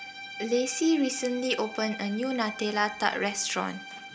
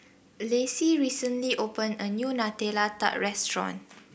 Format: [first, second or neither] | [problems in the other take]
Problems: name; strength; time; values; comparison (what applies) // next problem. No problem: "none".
second | background sound (Bowed string instrument); 13 dB below the speech